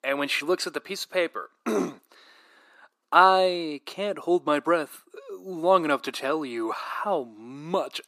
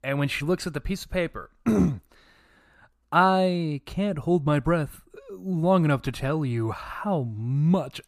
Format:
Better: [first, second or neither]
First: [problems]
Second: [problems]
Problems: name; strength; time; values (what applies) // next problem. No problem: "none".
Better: second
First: thin; somewhat; fading below 300 Hz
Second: none